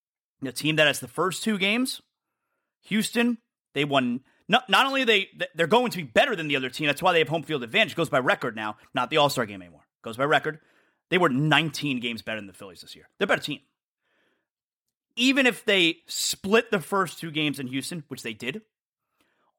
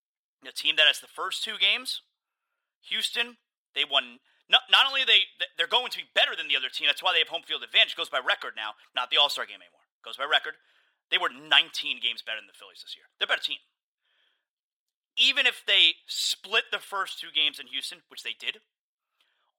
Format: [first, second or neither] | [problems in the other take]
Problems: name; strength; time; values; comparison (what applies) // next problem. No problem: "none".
first | thin; very; fading below 750 Hz